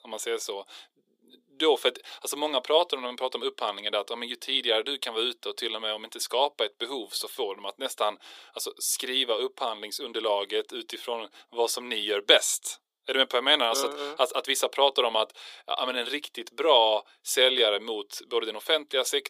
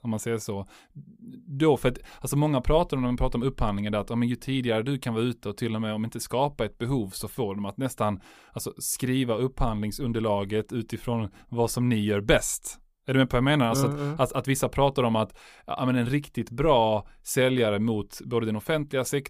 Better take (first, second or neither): second